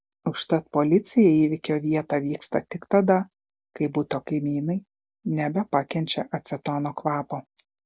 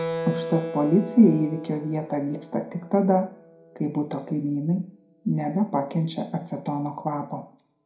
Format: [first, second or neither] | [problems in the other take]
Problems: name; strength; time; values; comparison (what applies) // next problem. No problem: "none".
first | background sound (Keyboard (musical)); 13 dB below the speech // room echo; dies away in 0.4 s